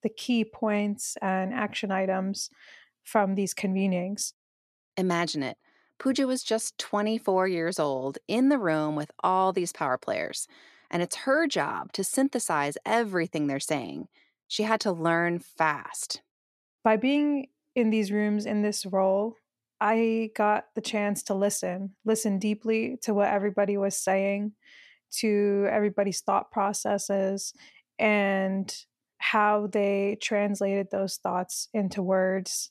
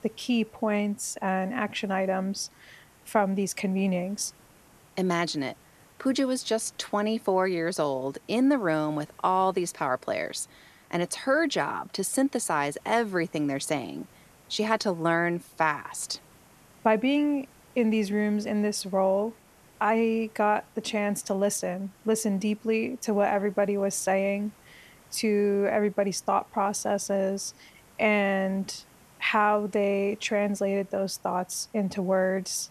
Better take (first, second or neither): first